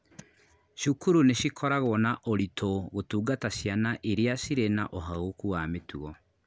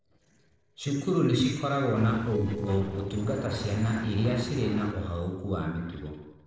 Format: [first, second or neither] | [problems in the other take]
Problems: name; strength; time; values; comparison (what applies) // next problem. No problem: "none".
first | noise reduction (neural separator model SepFormer DNS4)